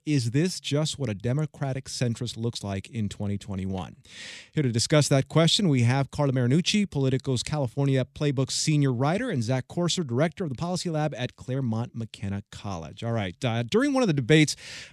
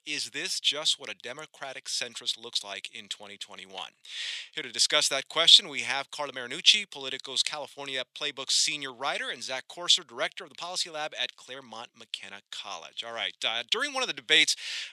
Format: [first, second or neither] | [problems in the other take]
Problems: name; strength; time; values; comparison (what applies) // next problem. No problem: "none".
first | thin; very; fading below 900 Hz